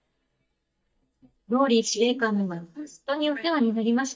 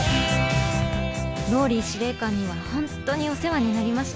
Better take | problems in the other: second | noise reduction (neural mask model DeepFilterNet 3)

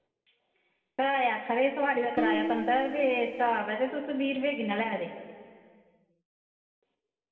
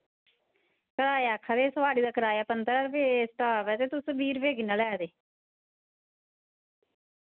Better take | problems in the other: second | background sound (Guitar); 3 dB below the speech // room echo; dies away in 2.3 s

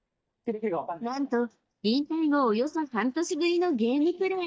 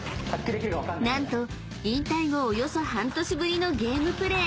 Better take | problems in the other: second | noise reduction (neural mask model DeepFilterNet 3)

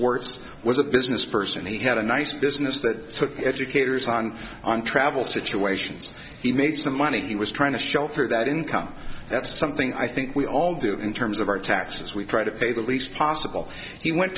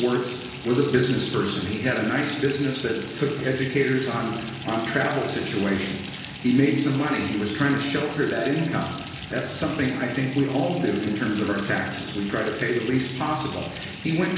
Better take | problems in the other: first | background sound (Fill (with liquid) / Bathtub (filling or washing)); 16 dB below the speech // room echo; dies away in 1.1 s

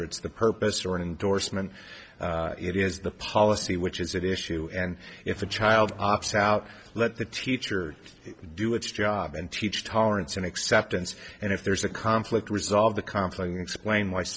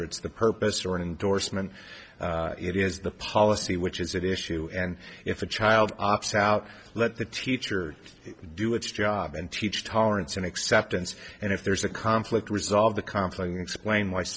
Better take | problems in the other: second | background sound (Engine); 19 dB below the speech

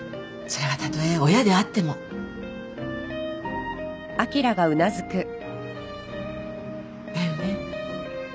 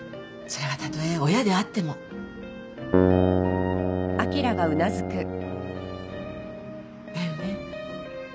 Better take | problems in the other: first | background sound (Keyboard (musical)); 4 dB above the speech

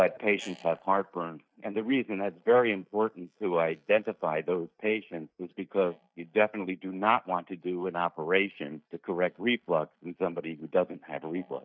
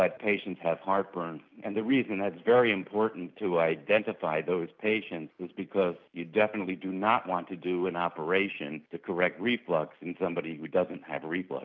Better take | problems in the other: second | noise reduction (neural mask model DeepFilterNet 3)

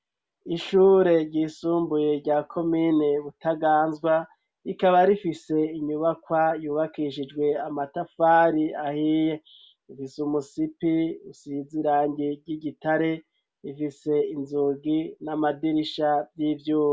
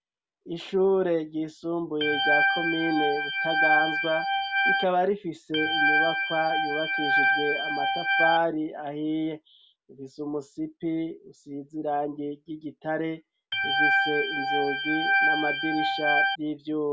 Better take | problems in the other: first | background sound (Organ); 5 dB above the speech

